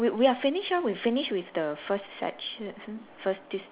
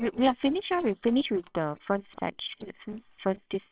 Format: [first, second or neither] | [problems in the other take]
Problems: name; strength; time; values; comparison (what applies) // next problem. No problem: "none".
first | noise reduction (neural separator model SepFormer WHAMR!)